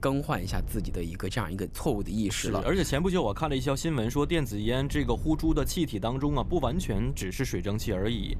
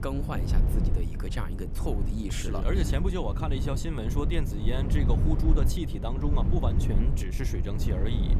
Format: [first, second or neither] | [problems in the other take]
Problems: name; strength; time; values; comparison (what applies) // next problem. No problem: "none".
first | wind noise on the microphone; heavy; 5 dB below the speech; occasional gusts in the first